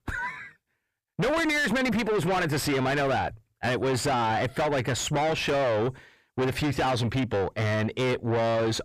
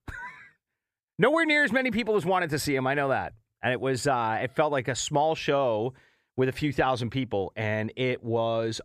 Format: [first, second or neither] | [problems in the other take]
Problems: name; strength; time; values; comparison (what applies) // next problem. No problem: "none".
second | distortion; heavy; 5 dB below the speech